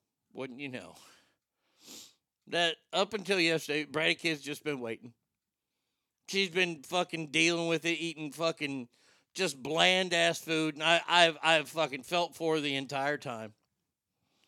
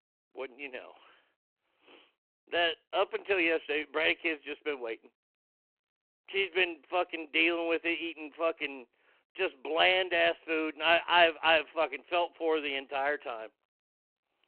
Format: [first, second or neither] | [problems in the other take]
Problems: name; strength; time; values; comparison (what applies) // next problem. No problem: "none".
first | phone-call audio